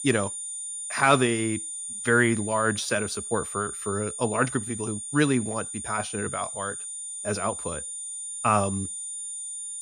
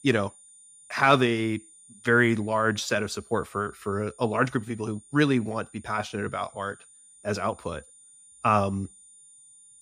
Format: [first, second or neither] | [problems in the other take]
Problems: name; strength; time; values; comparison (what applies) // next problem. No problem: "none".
second | high-pitched whine; loud; throughout; 9 kHz, 6 dB below the speech; faint in the second